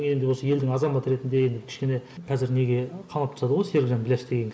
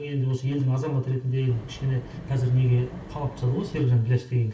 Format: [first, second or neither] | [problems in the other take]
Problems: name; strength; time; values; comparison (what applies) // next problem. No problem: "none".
first | background sound (Wind); 15 dB below the speech // room echo; dies away in 0.2 s